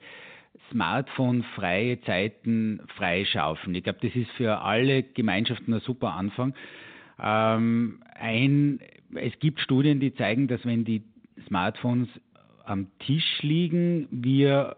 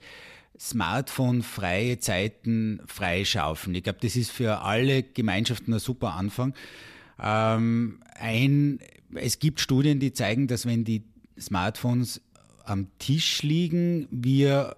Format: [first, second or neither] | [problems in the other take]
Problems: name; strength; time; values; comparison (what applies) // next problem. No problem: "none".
second | phone-call audio; nothing above 4 kHz